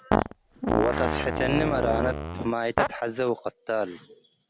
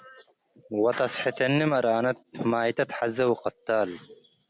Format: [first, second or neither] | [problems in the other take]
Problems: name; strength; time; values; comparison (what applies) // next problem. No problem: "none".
second | background sound (Fart); 2 dB above the speech